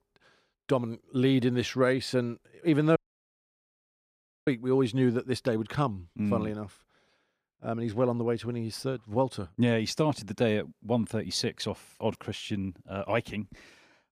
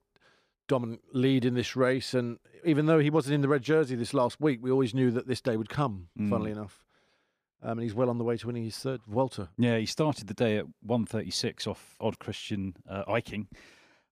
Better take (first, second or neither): second